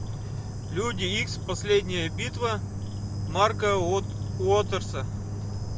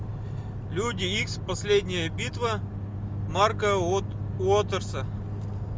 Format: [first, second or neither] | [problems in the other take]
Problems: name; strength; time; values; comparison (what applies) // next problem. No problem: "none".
second | background sound (Bird / Insect); 18 dB below the speech